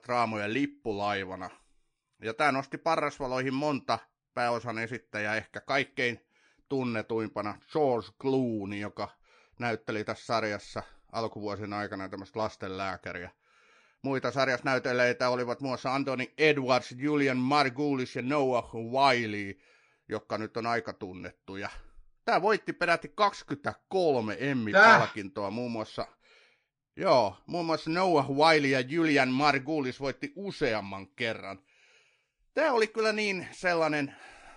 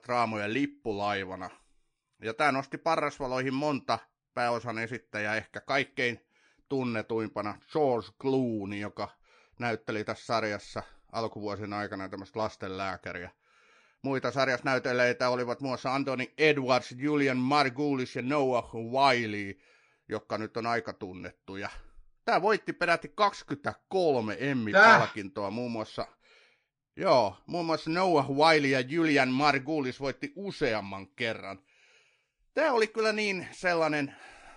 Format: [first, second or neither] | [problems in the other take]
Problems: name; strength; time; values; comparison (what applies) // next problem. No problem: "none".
neither | garbled, watery; slightly; the same in both